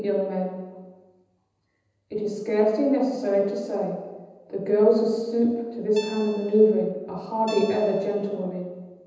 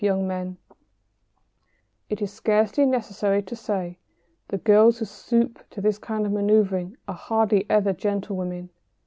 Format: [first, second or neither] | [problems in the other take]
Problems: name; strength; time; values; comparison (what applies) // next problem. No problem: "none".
second | background sound (Guitar); 17 dB below the speech // room echo; dies away in 1.1 s